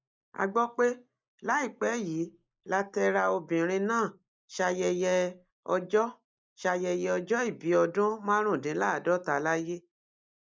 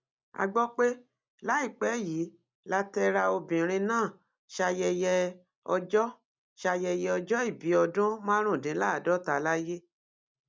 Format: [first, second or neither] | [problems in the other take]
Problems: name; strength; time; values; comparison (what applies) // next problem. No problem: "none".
second | noise reduction (neural mask model Resemble Enhance denoiser)